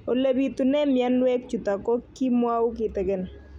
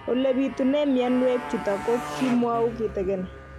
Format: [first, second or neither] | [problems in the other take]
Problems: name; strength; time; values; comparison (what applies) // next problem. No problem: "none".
first | background sound (Motorcycle); 12 dB below the speech